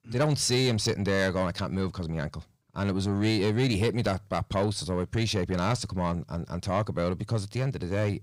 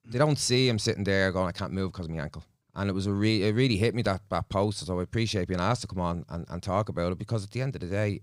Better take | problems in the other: second | distortion; slight; 10 dB below the speech

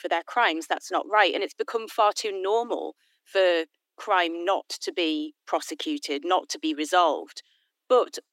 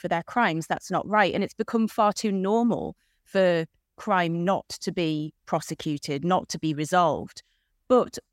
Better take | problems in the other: second | thin; somewhat; fading below 300 Hz

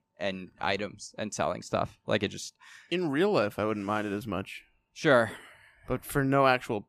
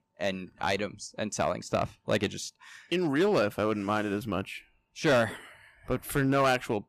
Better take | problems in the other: first | distortion; slight; 3% of the sound clipped

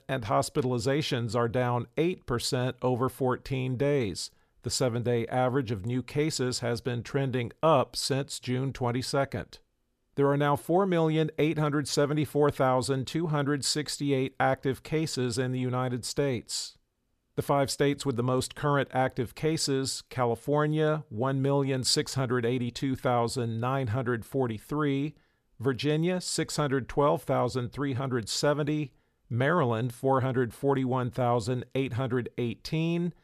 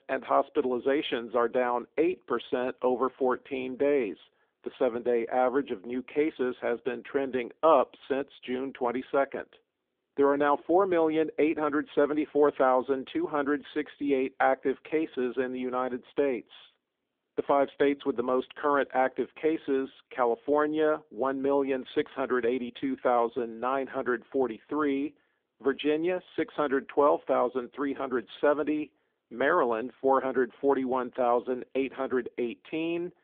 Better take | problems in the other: first | phone-call audio

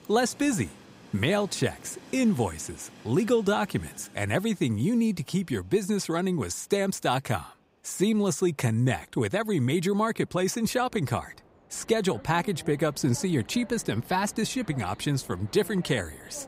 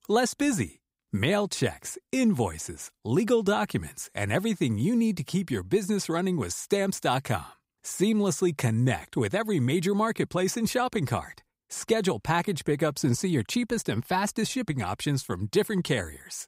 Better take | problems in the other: second | train or aircraft noise; faint; throughout; 20 dB below the speech

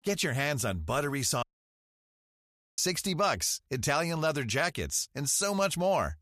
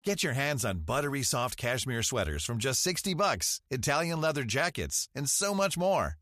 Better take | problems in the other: second | audio cutting out; at 1.5 s for 1.5 s

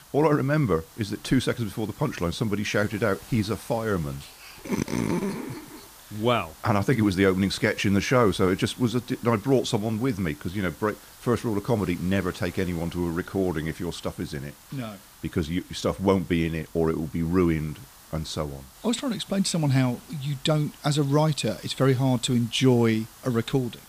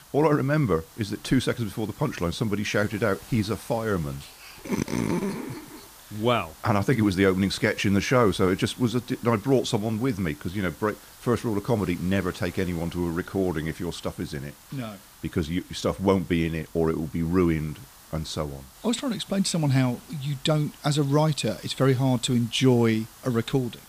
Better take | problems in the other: neither | hiss; faint; throughout; 20 dB below the speech; the same in both

